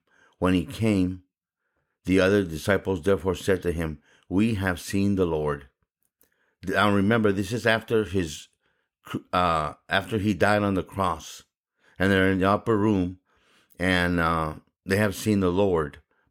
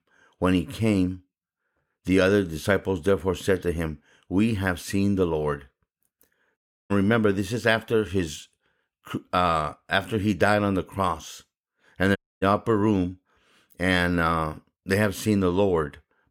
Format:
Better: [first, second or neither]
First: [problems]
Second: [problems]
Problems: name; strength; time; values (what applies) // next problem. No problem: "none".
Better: first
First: none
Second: audio cutting out; at 6.5 s and at 12 s